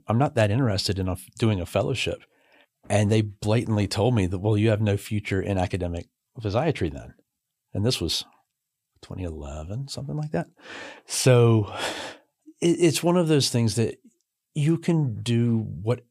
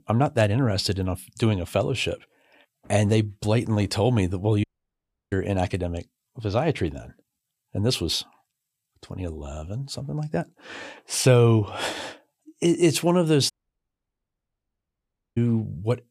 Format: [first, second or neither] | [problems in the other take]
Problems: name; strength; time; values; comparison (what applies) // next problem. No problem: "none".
first | audio cutting out; at 4.5 s for 0.5 s and at 14 s for 2 s